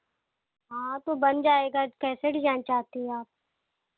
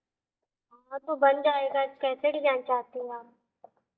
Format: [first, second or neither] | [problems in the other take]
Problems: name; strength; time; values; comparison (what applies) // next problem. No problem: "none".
first | noise reduction (neural mask model DeepFilterNet 3)